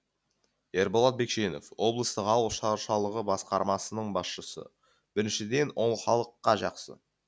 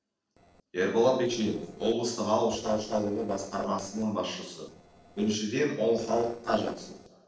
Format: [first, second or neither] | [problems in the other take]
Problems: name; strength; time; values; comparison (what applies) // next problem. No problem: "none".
first | noise reduction (neural separator model SepFormer DNS4)